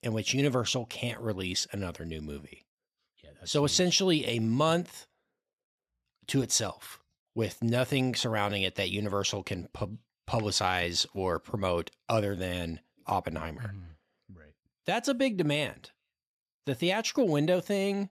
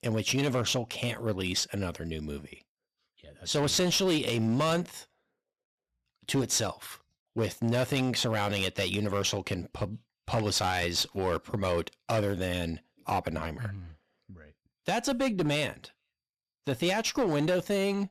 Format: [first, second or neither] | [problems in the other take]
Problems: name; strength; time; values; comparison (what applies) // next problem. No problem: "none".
first | distortion; slight; 8% of the sound clipped